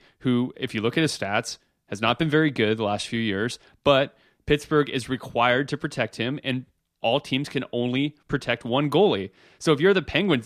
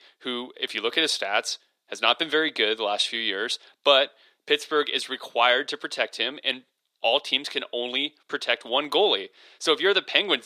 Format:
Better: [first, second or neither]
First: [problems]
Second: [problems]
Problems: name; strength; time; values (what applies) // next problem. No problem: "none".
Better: first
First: none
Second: thin; somewhat; fading below 400 Hz